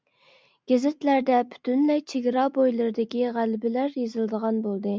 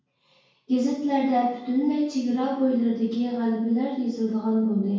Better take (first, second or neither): first